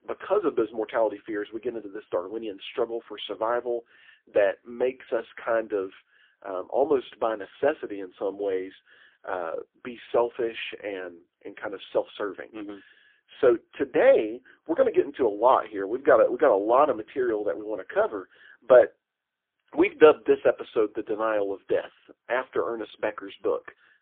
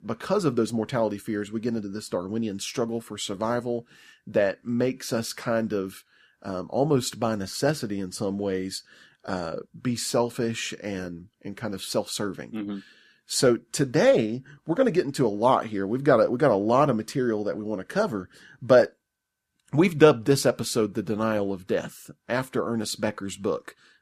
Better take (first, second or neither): second